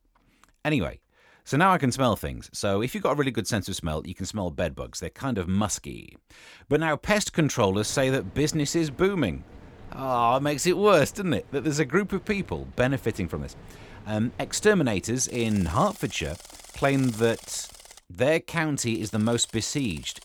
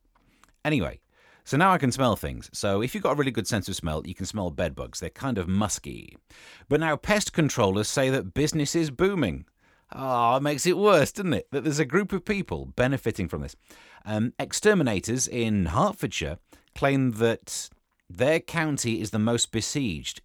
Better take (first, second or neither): second